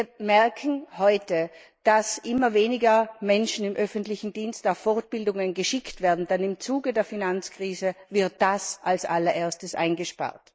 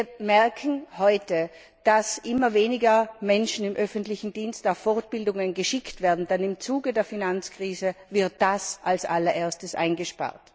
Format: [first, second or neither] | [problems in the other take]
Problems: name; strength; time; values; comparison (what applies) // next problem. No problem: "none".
second | noise reduction (neural mask model Resemble Enhance denoiser)